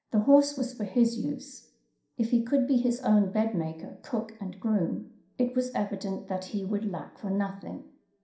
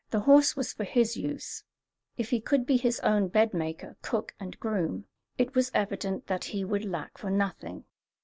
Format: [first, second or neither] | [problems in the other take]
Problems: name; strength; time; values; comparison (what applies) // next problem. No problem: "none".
second | room echo; dies away in 0.5 s